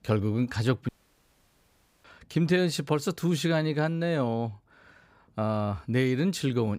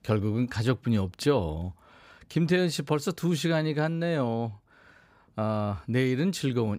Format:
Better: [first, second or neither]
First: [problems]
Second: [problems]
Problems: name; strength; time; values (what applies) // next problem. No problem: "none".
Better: second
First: audio cutting out; at 1 s for 1 s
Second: none